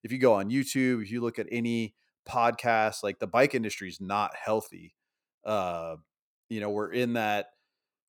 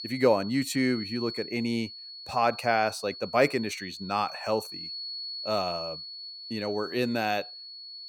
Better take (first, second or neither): first